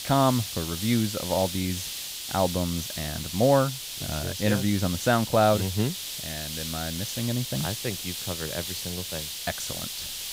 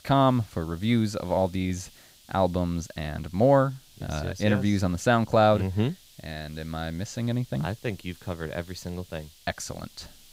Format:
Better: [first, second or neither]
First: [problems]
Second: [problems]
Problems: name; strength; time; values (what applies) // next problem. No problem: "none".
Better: second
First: hiss; loud; throughout; 5 dB below the speech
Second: hiss; faint; throughout; 25 dB below the speech